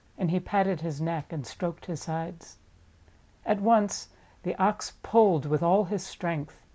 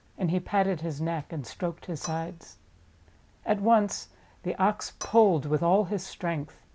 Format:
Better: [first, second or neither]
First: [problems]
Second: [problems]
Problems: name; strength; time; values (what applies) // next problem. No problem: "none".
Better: first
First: none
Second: background sound (Cutlery, silverware / Dishes, pots, and pans); 16 dB below the speech